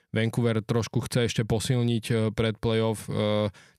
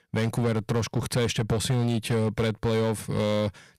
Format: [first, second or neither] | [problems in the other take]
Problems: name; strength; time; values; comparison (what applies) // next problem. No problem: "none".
first | distortion; slight; 12% of the sound clipped